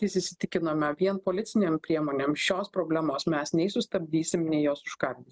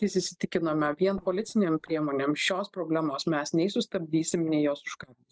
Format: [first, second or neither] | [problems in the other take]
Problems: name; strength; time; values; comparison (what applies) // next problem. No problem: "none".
first | noise reduction (neural mask model DeepFilterNet 3)